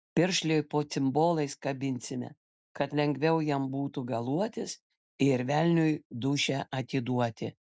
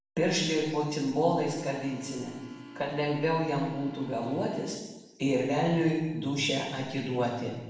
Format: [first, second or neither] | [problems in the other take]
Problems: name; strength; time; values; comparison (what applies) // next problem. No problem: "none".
first | background sound (Organ); 17 dB below the speech // room echo; dies away in 1.1 s